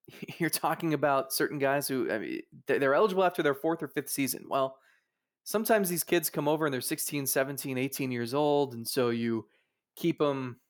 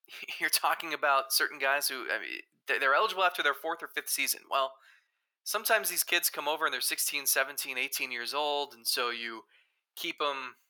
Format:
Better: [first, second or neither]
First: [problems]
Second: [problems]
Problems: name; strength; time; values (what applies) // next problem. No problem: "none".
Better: first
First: none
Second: thin; very; fading below 850 Hz